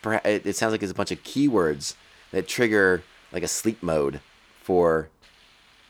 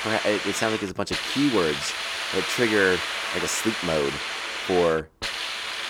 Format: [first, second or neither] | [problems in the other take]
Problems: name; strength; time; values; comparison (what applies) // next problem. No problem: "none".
first | hiss; loud; throughout; 2 dB below the speech; faint in the first